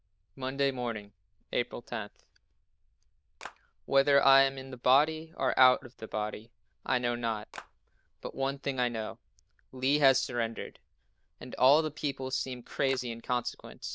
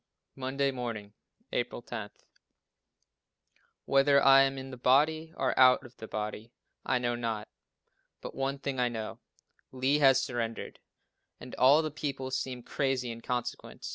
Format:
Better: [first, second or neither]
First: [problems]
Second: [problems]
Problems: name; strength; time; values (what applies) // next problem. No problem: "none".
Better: second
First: noise reduction (neural diffusion model UNIVERSE++)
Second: none